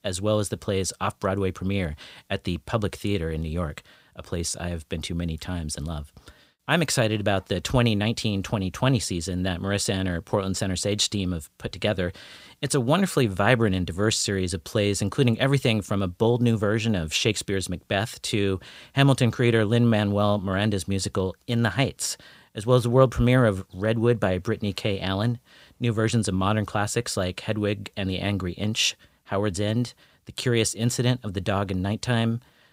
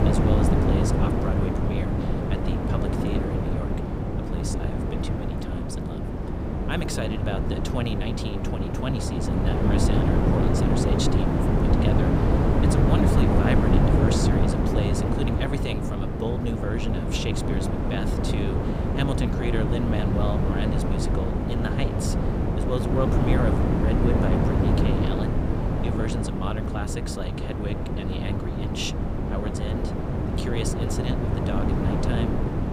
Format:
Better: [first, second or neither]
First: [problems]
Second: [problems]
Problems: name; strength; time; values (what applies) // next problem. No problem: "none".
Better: first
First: none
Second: wind noise on the microphone; heavy; 4 dB above the speech